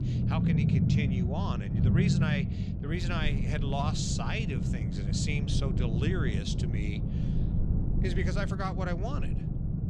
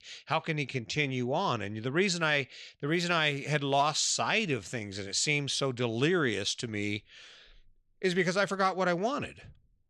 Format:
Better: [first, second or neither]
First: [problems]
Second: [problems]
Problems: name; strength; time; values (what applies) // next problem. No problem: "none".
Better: second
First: low rumble; loud; throughout; 3 dB below the speech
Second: none